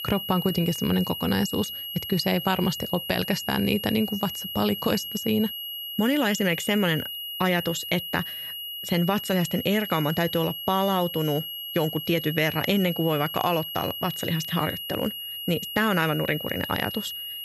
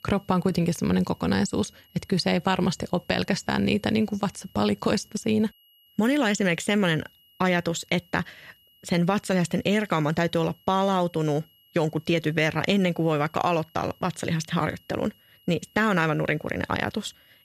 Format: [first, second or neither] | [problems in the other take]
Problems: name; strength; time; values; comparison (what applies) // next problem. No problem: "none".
second | high-pitched whine; loud; throughout; 3 kHz, 6 dB below the speech; faint in the second